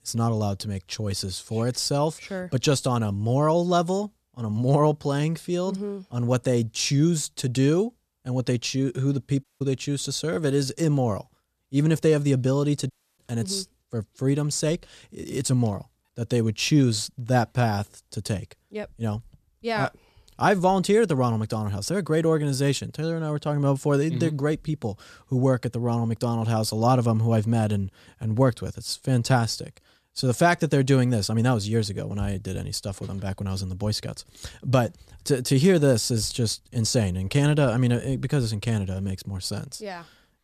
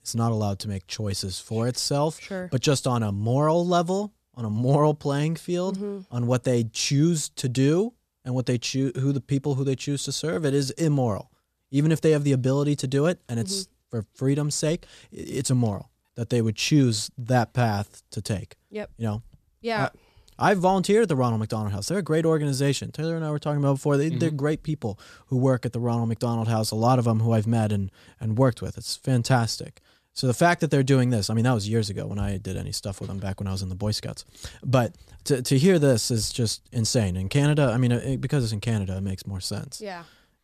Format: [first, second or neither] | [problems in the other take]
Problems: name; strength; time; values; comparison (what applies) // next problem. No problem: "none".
second | audio cutting out; at 9.5 s and at 13 s